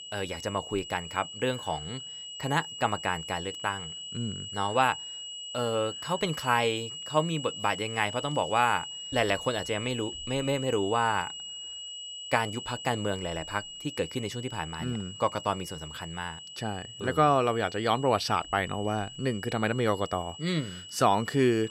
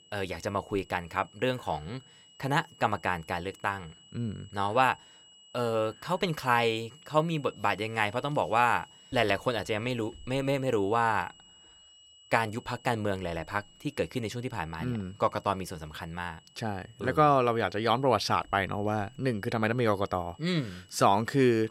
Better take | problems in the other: second | high-pitched whine; loud; throughout; 3 kHz, 9 dB below the speech; faint in the second

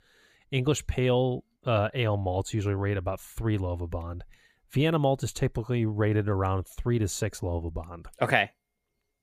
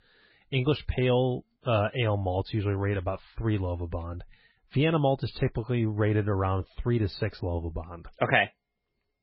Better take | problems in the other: first | garbled, watery; badly; nothing above 5 kHz

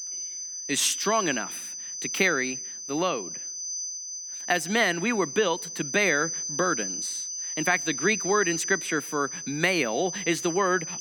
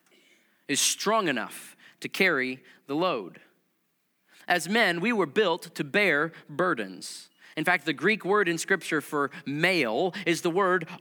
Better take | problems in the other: second | high-pitched whine; loud; throughout; 6 kHz, 5 dB below the speech

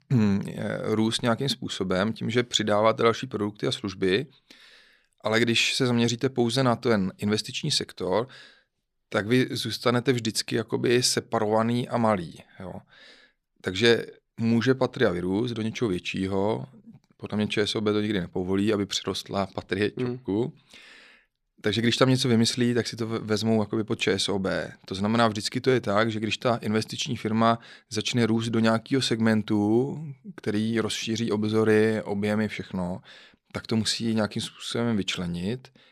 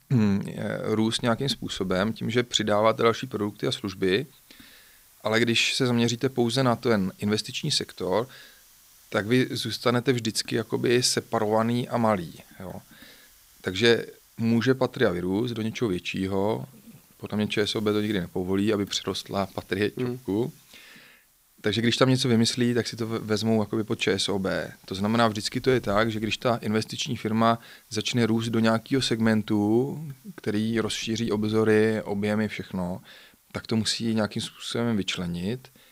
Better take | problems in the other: first | hiss; faint; throughout; 30 dB below the speech

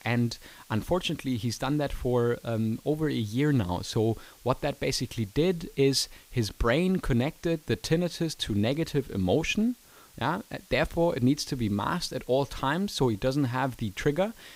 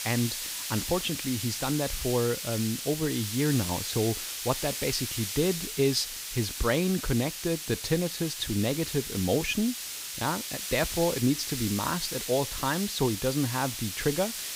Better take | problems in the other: first | hiss; loud; throughout; 4 dB below the speech; faint in the first

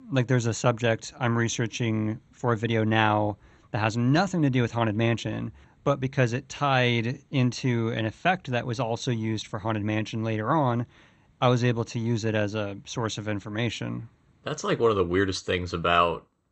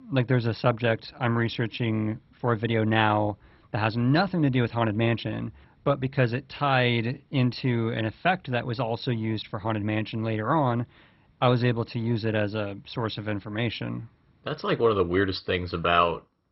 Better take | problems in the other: first | garbled, watery; badly; nothing above 5.5 kHz; slightly in the first

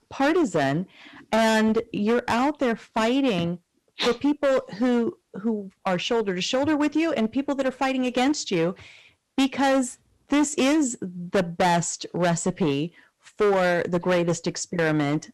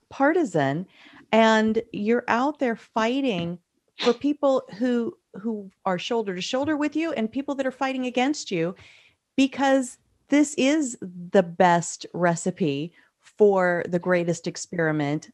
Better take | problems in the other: second | distortion; heavy; 11% of the sound clipped

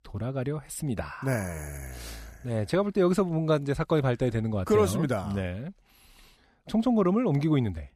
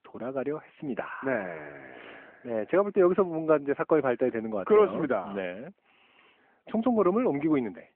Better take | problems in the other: first | phone-call audio

